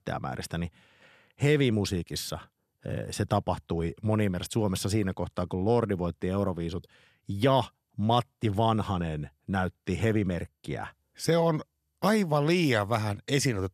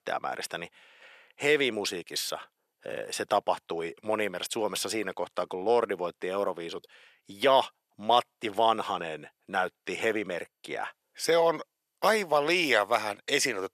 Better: first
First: none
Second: thin; very; fading below 500 Hz

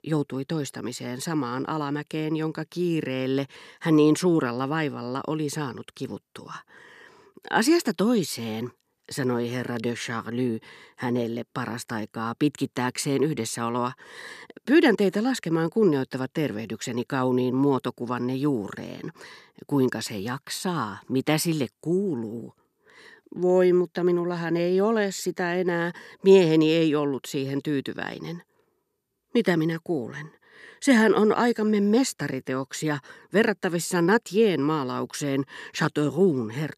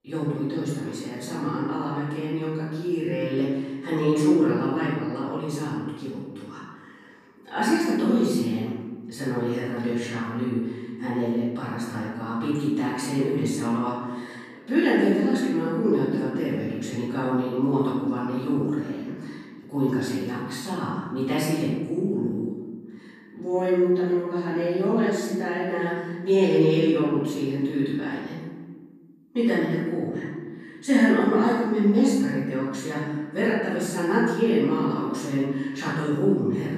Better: first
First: none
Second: off-mic speech; far // room echo; strong; dies away in 1.4 s

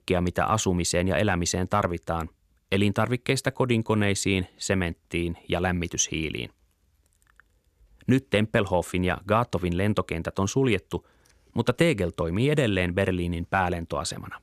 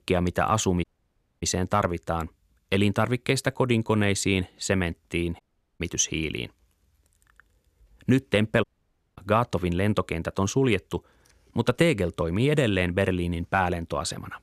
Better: first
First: none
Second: audio cutting out; at 1 s for 0.5 s, at 5.5 s and at 8.5 s for 0.5 s

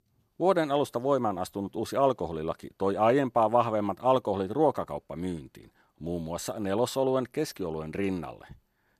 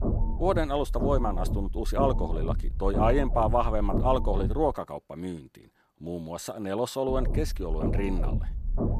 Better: first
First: none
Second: low rumble; noticeable; until 4.5 s and from 7 s on; 10 dB below the speech

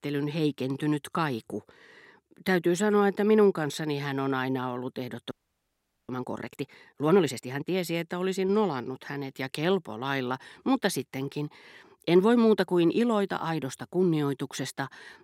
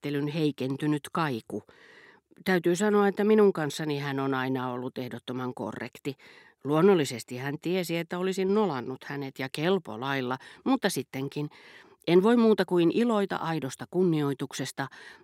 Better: second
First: audio freezing; at 5.5 s for 1 s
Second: none

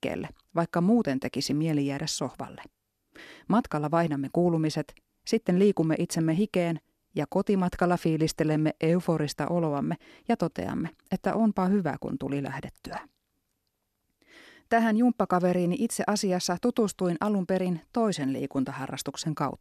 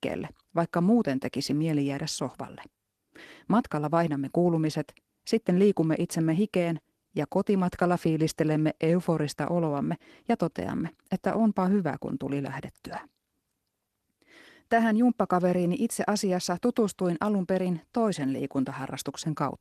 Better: first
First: none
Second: garbled, watery; slightly; nothing above 13 kHz

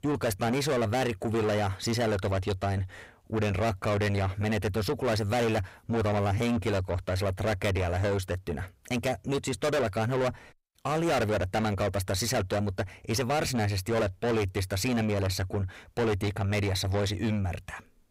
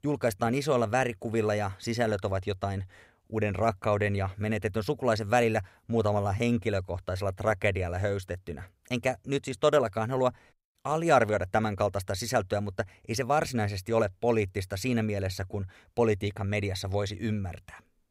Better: second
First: distortion; heavy; 6 dB below the speech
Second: none

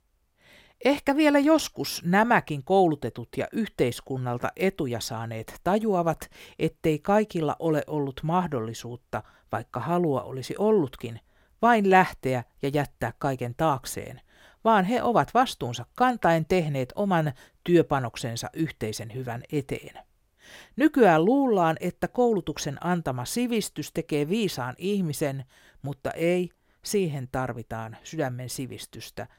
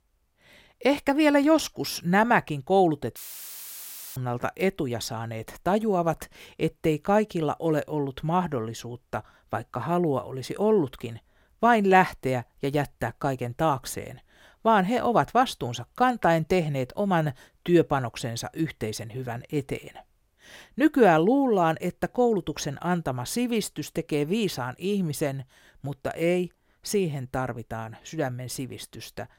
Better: first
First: none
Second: audio cutting out; filled with static; at 3 s for 1 s

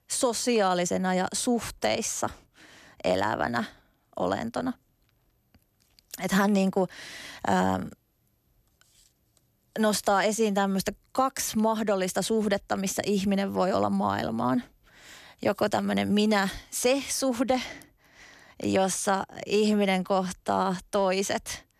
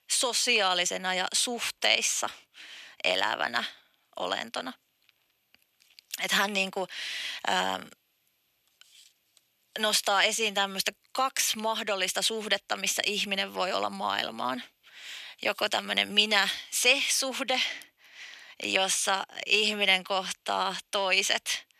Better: first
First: none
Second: thin; somewhat; fading below 1 kHz

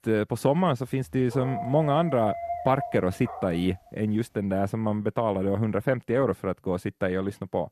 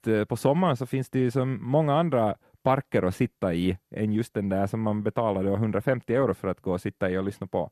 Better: second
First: dog barking; noticeable; from 1.5 to 3.5 s; peak 6 dB below the speech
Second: none

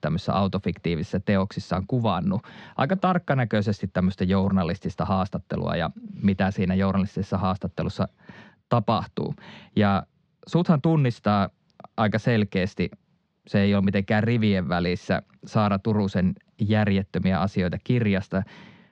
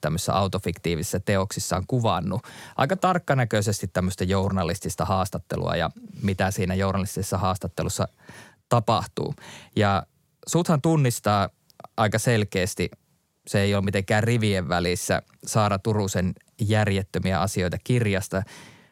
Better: second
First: muffled; slightly; fading above 4 kHz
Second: none

